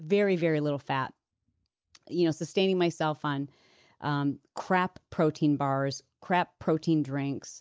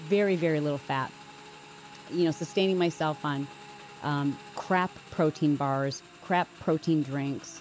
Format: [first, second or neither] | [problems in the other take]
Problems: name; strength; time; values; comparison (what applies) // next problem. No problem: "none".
first | background sound (Motorcycle / Engine); 19 dB below the speech